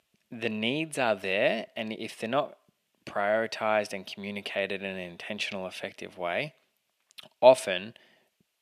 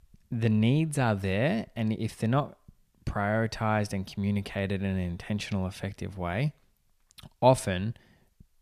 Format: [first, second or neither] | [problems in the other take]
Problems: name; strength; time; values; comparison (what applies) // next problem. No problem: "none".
second | thin; somewhat; fading below 350 Hz